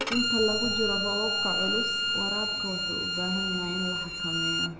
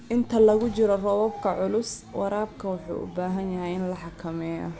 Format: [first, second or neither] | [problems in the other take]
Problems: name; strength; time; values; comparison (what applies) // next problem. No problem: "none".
second | background sound (Bowed string instrument); 3 dB above the speech // room echo; dies away in 1.9 s